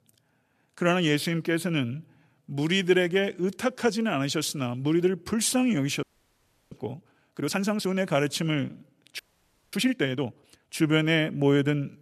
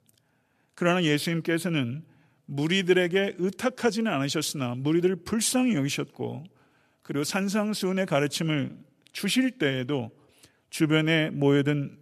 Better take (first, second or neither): second